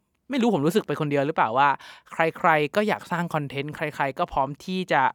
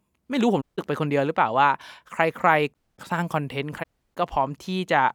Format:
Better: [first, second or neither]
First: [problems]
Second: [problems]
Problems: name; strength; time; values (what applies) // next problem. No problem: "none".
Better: first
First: none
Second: audio cutting out; at 0.5 s, at 2.5 s and at 4 s